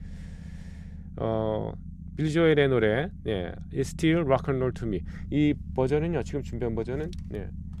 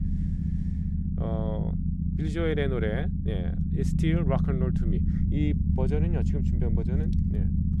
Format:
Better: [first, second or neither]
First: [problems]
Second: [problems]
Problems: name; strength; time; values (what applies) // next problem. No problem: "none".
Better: first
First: low rumble; faint; throughout; 25 dB below the speech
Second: low rumble; loud; throughout; 3 dB below the speech